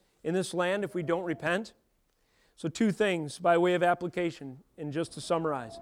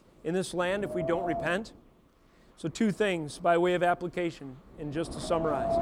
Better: first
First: wind noise on the microphone; occasional gusts; 25 dB below the speech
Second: wind noise on the microphone; heavy; 5 dB below the speech

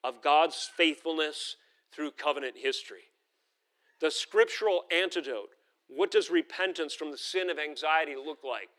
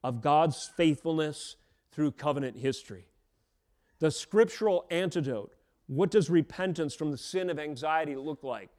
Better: second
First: thin; very; fading below 350 Hz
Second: none

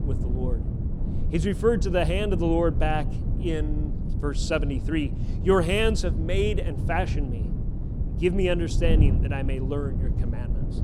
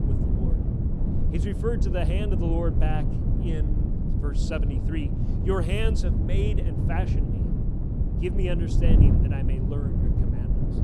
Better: first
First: wind noise on the microphone; occasional gusts; 15 dB below the speech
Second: wind noise on the microphone; heavy; 3 dB below the speech

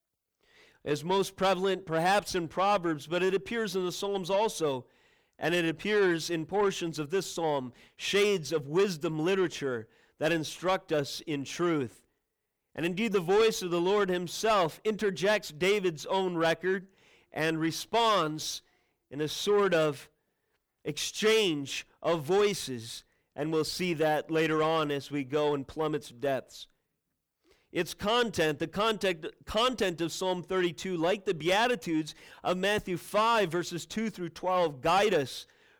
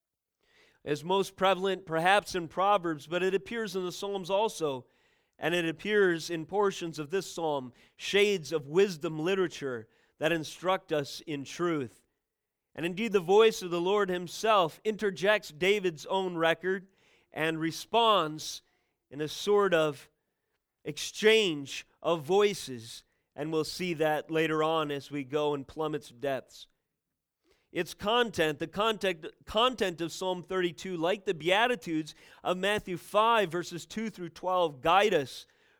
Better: second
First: distortion; slight; 10 dB below the speech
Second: none

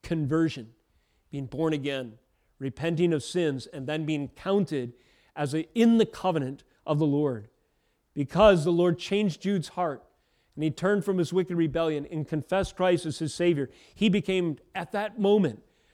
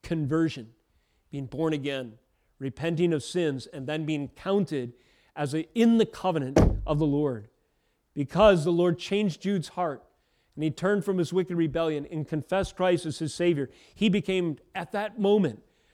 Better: first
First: none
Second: door banging; loud; at 6.5 s; peak 4 dB above the speech

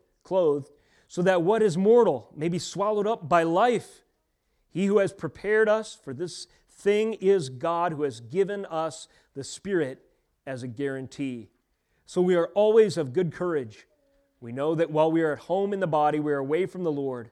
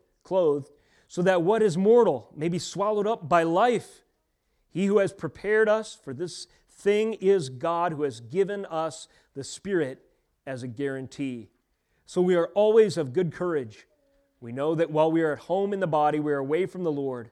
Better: neither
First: none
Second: none

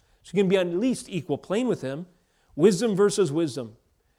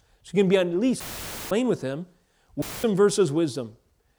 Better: first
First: none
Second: audio cutting out; filled with static; at 1 s for 0.5 s and at 2.5 s

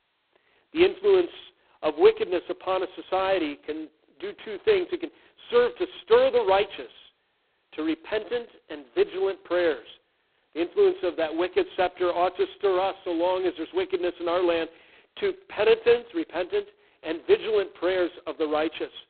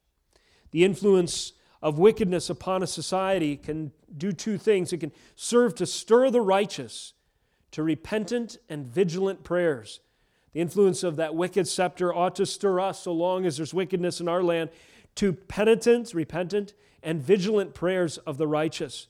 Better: second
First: phone-call audio; poor line; nothing above 4 kHz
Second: none

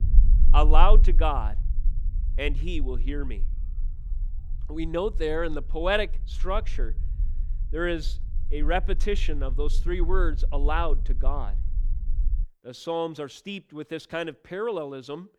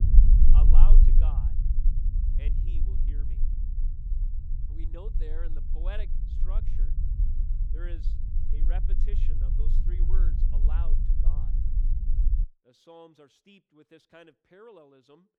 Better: first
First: low rumble; faint; until 12 s; 20 dB below the speech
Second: low rumble; loud; until 12 s; 1 dB below the speech

